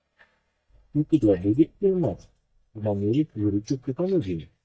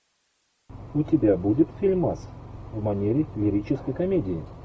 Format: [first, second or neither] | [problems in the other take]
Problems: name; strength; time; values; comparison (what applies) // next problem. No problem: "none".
second | noise reduction (neural mask model DeepFilterNet 3)